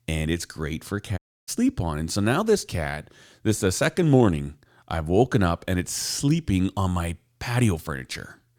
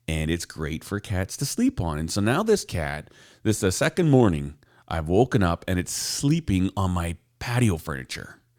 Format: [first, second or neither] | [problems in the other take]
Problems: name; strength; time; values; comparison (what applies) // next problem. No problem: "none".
second | audio cutting out; at 1 s